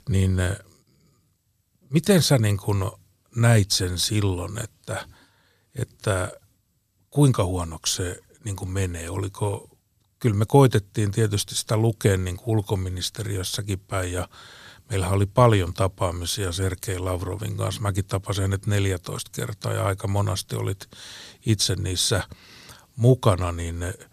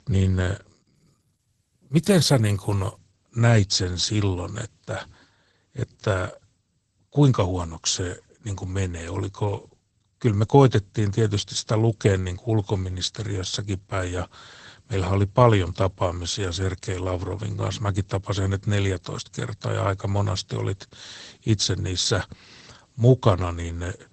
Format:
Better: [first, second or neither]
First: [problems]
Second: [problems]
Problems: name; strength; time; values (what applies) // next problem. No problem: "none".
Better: first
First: none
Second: garbled, watery; badly; nothing above 12 kHz